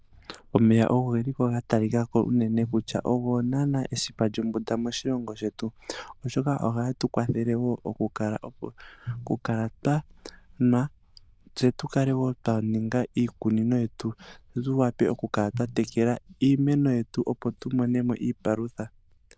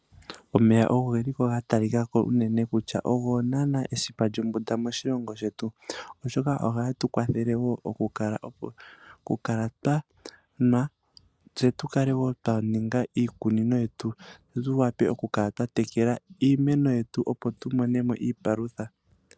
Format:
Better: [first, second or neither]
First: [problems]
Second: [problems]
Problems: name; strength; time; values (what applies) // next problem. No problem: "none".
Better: second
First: noise reduction (neural diffusion model UNIVERSE++)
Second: none